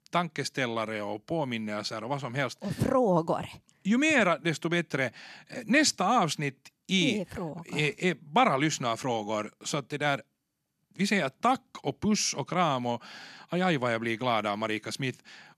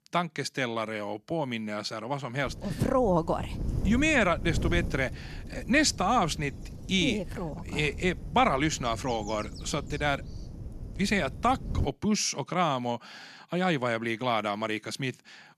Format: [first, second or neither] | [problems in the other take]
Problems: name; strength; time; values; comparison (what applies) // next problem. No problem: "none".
first | wind noise on the microphone; occasional gusts; from 2.5 to 12 s; 20 dB below the speech